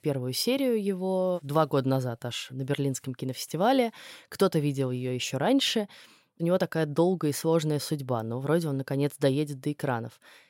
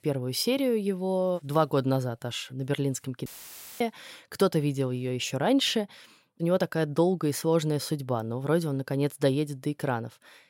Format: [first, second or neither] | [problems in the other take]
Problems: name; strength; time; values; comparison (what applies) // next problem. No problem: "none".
first | audio cutting out; filled with static; at 3.5 s for 0.5 s